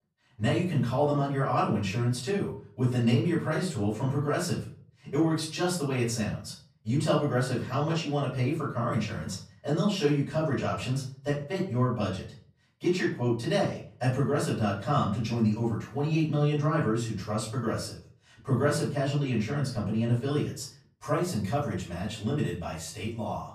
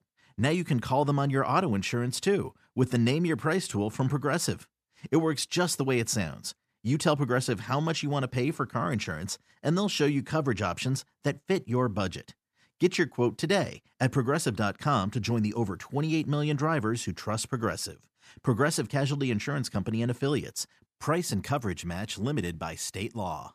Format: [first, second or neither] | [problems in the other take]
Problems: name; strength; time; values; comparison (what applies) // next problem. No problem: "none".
second | off-mic speech; far // room echo; slight; dies away in 0.4 s